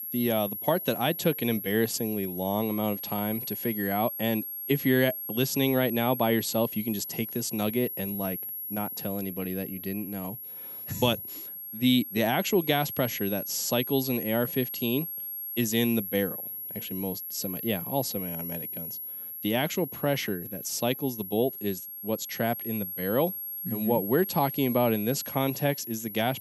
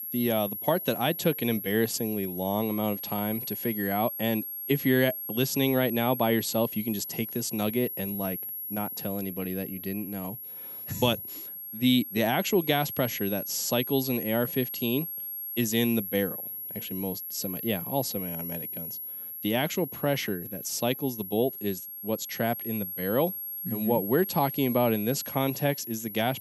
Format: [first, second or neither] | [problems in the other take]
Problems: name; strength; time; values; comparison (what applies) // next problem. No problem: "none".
neither | high-pitched whine; loud; throughout; 11.5 kHz, 6 dB below the speech; the same in both